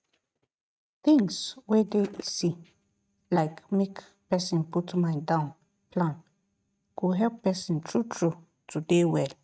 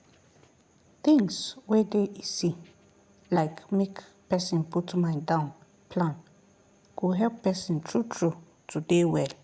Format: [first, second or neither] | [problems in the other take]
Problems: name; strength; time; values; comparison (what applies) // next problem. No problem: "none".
second | noise reduction (neural mask model RNNoise)